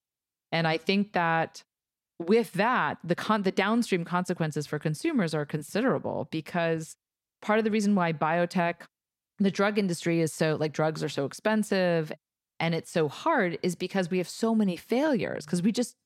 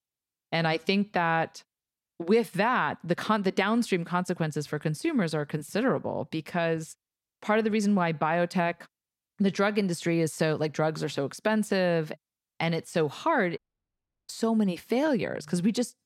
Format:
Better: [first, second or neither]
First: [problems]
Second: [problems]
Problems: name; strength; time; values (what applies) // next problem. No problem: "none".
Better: first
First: none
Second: audio cutting out; at 14 s for 0.5 s